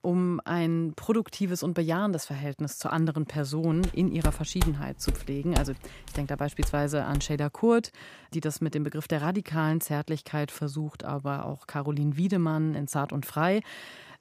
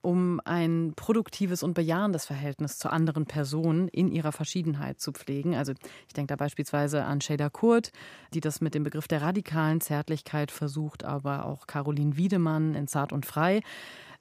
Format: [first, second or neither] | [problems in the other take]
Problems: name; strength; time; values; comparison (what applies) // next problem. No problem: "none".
second | footsteps; noticeable; from 4 to 7 s; peak 3 dB below the speech